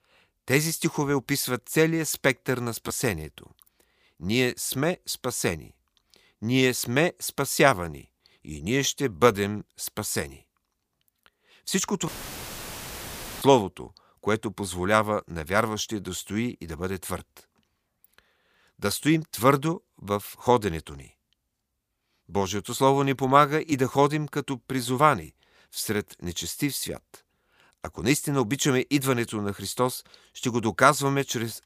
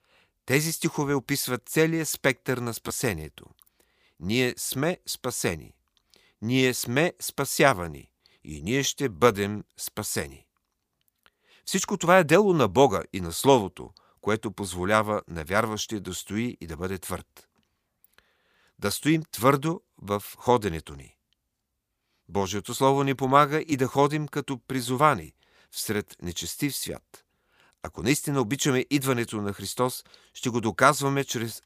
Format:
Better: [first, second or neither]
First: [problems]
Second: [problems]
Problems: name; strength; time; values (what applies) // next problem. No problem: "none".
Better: second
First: audio cutting out; filled with static; at 12 s for 1.5 s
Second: none